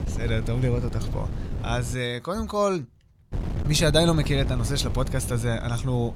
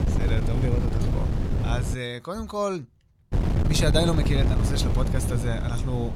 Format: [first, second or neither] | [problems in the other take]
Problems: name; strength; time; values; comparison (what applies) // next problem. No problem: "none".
first | wind noise on the microphone; heavy; until 2 s and from 3.5 s on; 5 dB below the speech; occasional gusts in the first